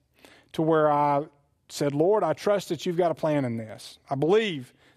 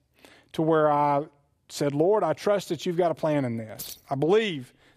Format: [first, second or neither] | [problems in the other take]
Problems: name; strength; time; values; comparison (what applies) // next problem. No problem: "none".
first | jangling keys; faint; at 4 s; peak 15 dB below the speech